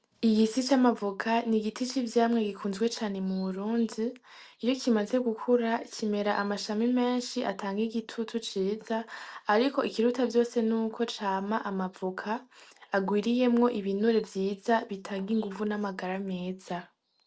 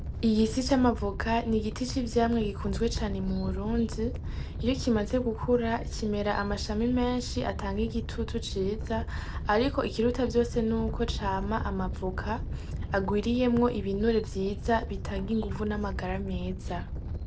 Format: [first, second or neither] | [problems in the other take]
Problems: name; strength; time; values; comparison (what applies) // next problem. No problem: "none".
first | background sound (Animal); 5 dB below the speech